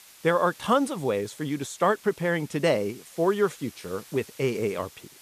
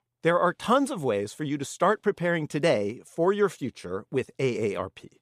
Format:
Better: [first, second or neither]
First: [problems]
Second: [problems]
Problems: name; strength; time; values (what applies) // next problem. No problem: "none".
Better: second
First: hiss; faint; throughout; 20 dB below the speech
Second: none